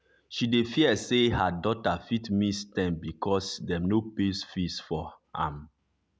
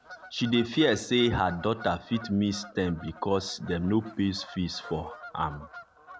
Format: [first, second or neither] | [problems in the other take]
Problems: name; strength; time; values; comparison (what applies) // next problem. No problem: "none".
first | background sound (Bird vocalization, bird call, bird song / Fowl); 18 dB below the speech